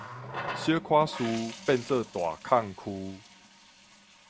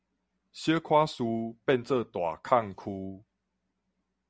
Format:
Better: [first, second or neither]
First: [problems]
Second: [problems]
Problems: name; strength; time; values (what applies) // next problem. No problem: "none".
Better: second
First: background sound (Water tap, faucet); 12 dB below the speech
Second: none